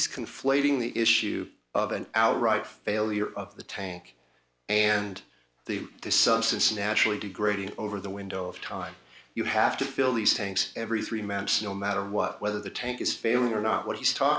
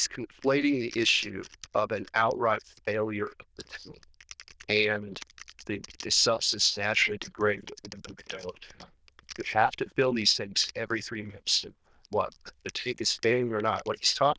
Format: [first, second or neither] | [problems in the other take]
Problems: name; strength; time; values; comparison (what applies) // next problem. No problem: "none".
first | noise reduction (neural diffusion model UNIVERSE++)